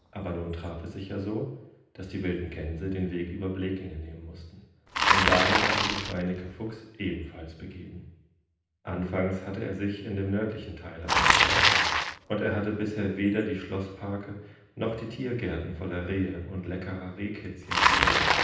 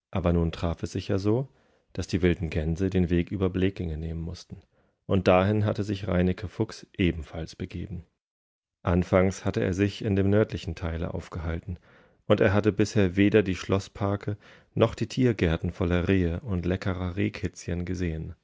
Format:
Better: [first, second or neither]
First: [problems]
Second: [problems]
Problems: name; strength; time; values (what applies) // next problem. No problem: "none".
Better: second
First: background sound (Bicycle); 2 dB above the speech // room echo; dies away in 0.9 s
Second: none